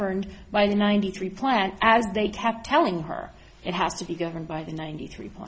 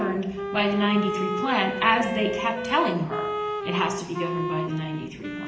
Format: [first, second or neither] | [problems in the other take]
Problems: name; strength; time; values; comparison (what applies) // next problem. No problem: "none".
first | background sound (Wind instrument, woodwind instrument); 5 dB below the speech // room echo; dies away in 0.9 s